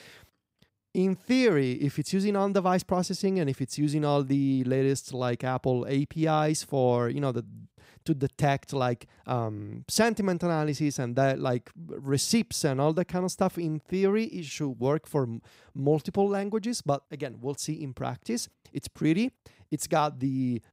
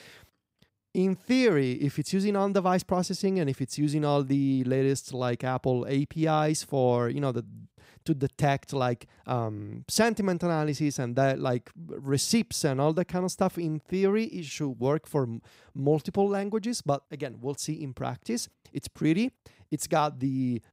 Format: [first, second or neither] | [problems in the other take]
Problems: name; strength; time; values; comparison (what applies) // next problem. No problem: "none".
neither | none